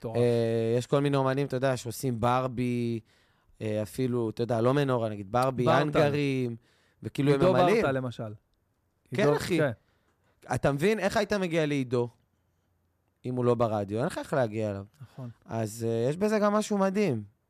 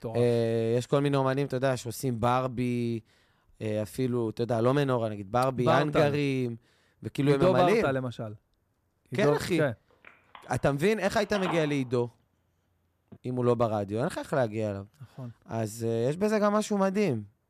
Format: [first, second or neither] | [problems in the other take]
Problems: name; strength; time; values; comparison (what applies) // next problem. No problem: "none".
first | phone ringing; noticeable; from 10 to 13 s; peak 8 dB below the speech